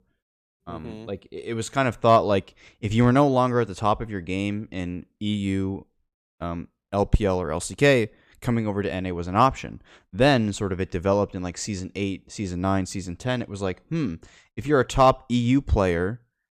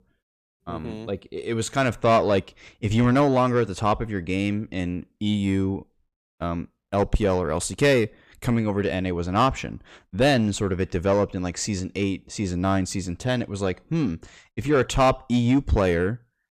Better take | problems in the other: first | distortion; slight; 10 dB below the speech

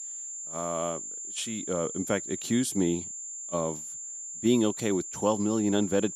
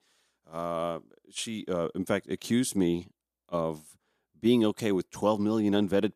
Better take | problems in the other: second | high-pitched whine; loud; throughout; 7.5 kHz, 7 dB below the speech

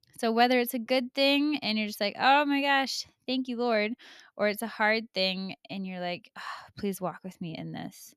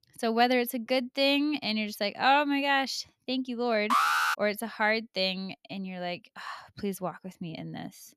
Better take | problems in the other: first | alarm; loud; at 4 s; peak 4 dB above the speech

